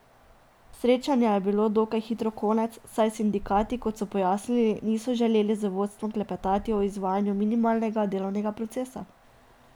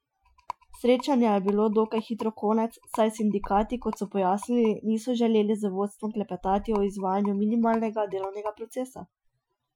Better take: first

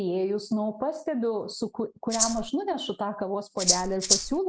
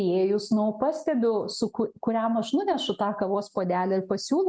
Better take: second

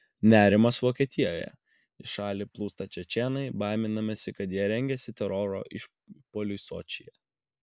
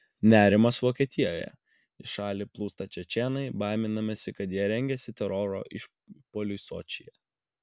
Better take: second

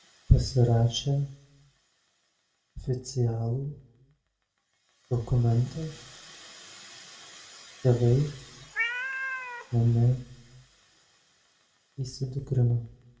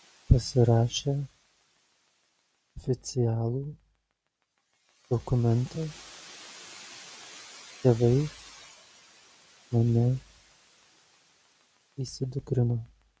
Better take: second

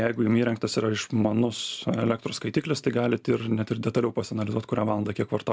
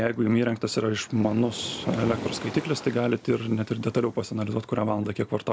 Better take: first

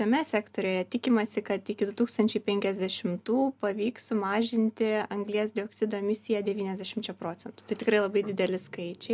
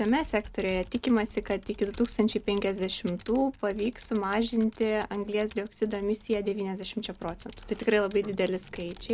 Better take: first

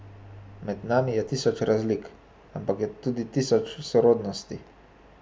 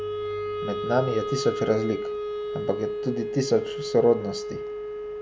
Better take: first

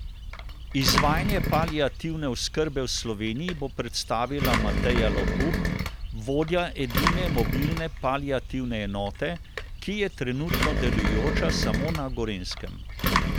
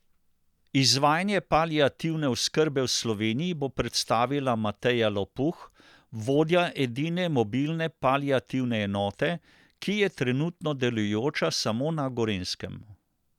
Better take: second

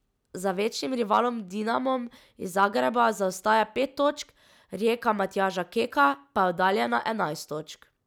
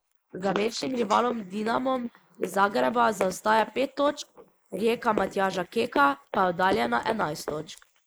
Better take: first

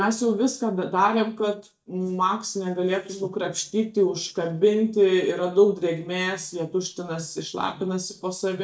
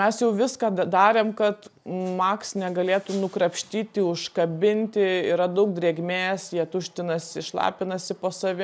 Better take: second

